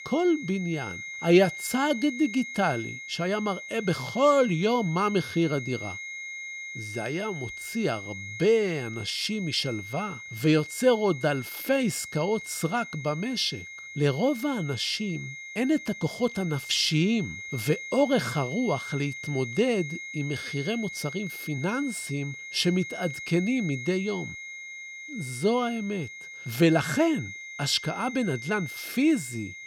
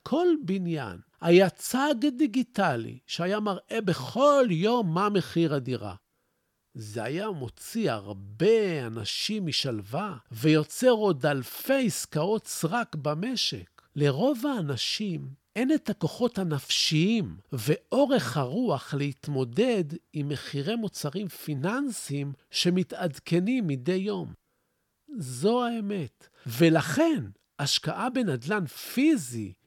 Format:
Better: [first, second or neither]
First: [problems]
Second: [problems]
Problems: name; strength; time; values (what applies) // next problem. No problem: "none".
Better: second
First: high-pitched whine; loud; throughout; 2 kHz, 10 dB below the speech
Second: none